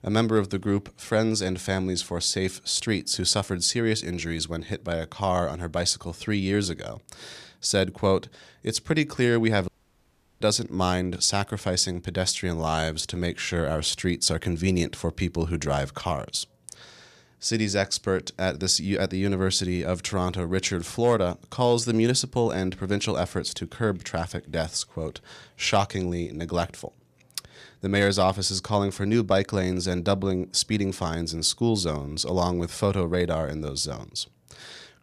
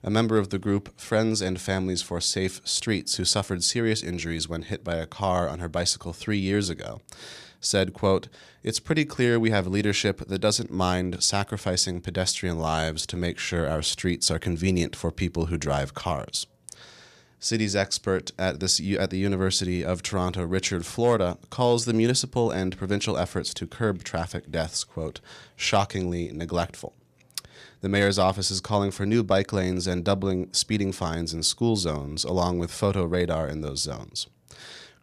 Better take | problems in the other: second | audio cutting out; at 9.5 s for 0.5 s

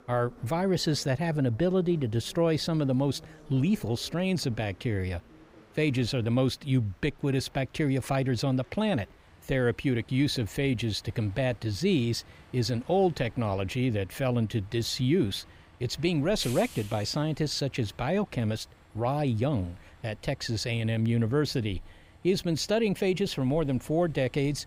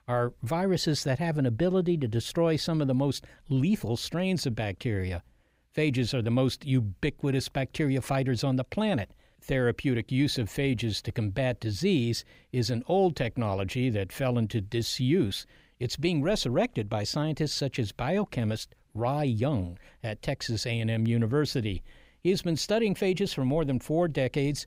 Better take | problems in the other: second | train or aircraft noise; faint; throughout; 25 dB below the speech

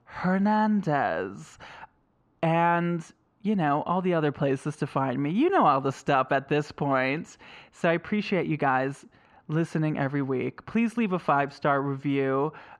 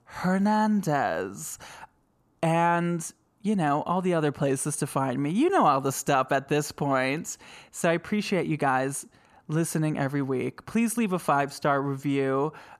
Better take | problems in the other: second | muffled; slightly; fading above 3 kHz

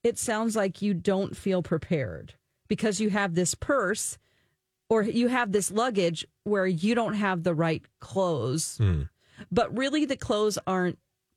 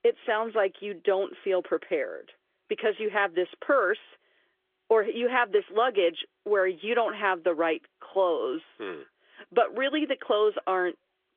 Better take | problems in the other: first | phone-call audio; nothing above 3.5 kHz

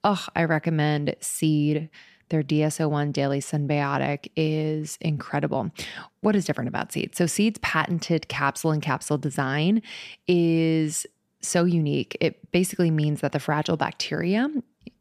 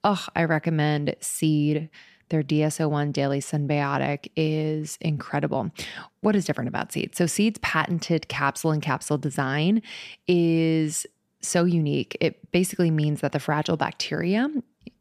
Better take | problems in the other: neither | none

